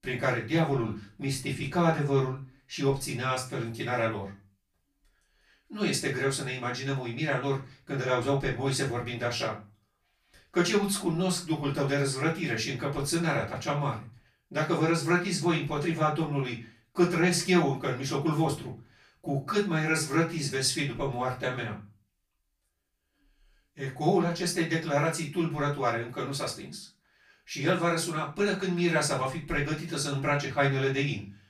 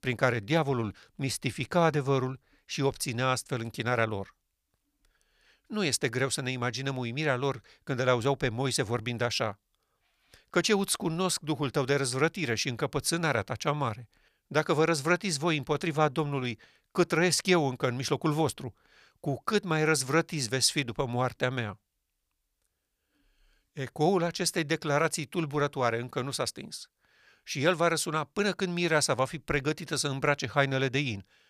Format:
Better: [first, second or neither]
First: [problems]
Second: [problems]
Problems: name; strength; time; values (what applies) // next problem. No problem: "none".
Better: second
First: off-mic speech; far // room echo; slight; dies away in 0.3 s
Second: none